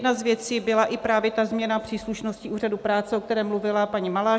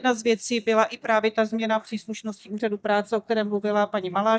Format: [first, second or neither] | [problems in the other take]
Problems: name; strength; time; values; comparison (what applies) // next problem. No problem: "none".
first | noise reduction (neural mask model DeepFilterNet 3)